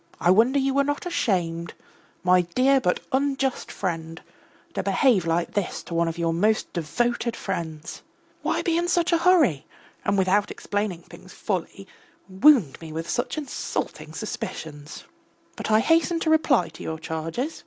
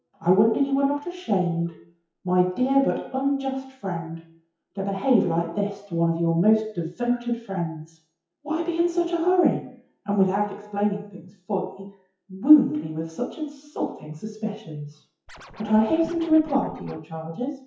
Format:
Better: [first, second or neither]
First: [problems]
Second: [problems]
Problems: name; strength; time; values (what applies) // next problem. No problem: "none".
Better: first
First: none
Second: noise reduction (classical method WPE with log-MMSE)